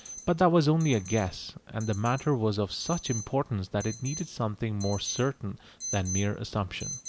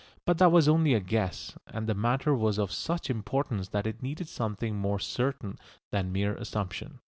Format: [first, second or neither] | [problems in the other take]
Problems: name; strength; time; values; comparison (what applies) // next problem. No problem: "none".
second | background sound (Alarm); 14 dB below the speech